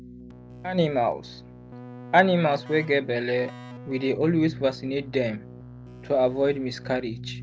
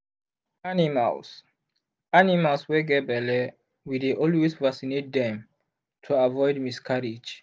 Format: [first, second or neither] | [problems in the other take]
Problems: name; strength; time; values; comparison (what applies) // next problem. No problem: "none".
second | background sound (Keyboard (musical)); 15 dB below the speech